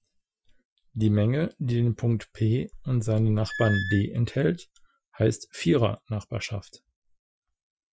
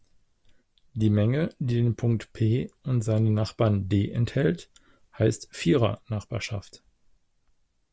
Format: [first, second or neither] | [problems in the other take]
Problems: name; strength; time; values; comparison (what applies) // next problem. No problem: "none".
second | noise reduction (classical method Wiener filter)